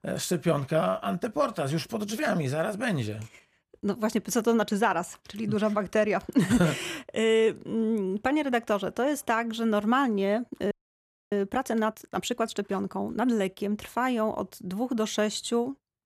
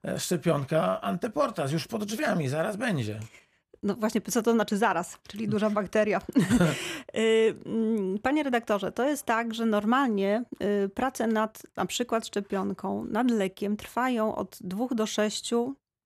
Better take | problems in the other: second | audio freezing; at 11 s for 0.5 s

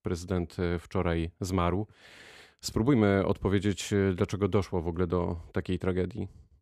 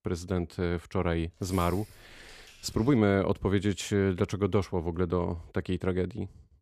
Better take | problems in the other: first | jangling keys; faint; from 1.5 to 3 s; peak 15 dB below the speech

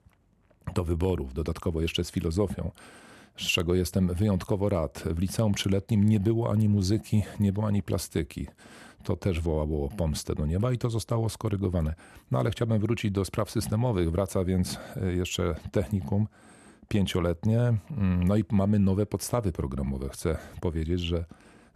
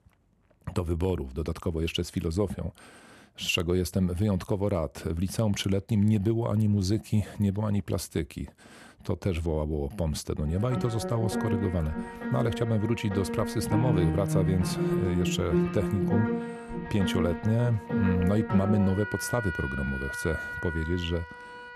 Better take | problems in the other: first | background music; loud; from 10 s on; 3 dB below the speech

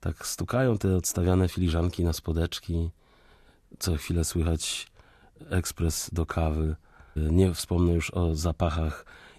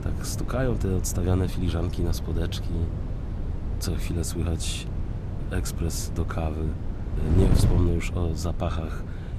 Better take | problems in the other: first | wind noise on the microphone; heavy; 7 dB below the speech

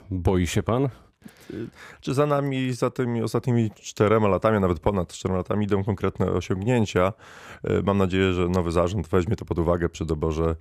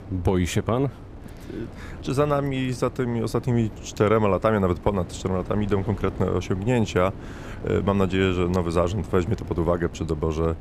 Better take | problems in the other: first | wind noise on the microphone; occasional gusts; 20 dB below the speech

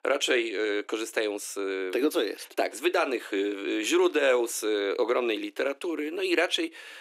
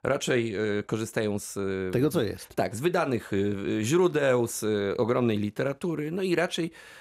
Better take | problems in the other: second | thin; somewhat; fading below 300 Hz

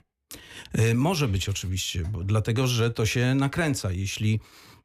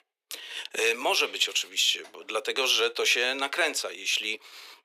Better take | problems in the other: first | thin; very; fading below 400 Hz

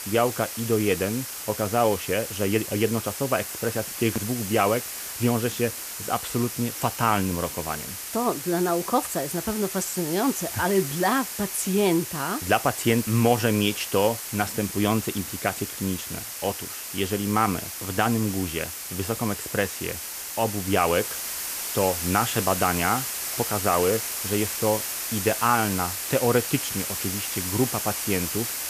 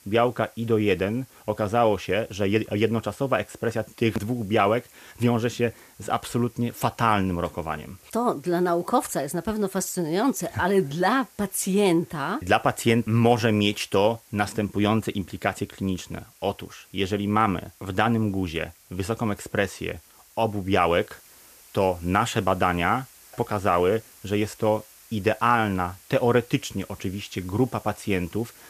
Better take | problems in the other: second | hiss; loud; throughout; 4 dB below the speech; faint in the second

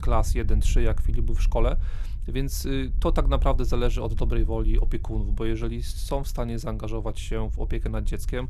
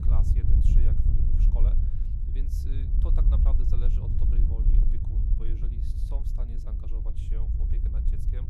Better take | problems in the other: first | wind noise on the microphone; heavy; 4 dB above the speech; occasional gusts in the first

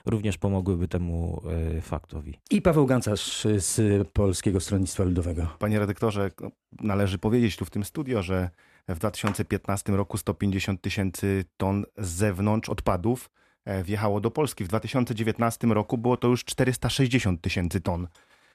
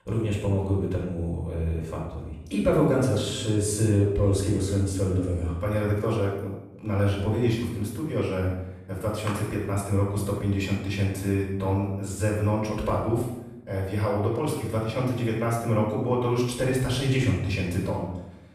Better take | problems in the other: first | off-mic speech; far // room echo; noticeable; dies away in 0.8 s

